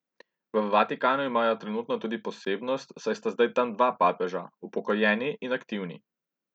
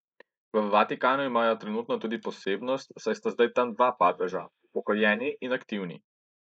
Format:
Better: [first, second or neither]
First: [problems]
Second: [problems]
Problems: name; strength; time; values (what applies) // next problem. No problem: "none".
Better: first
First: none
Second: noise reduction (neural mask model Resemble Enhance denoiser)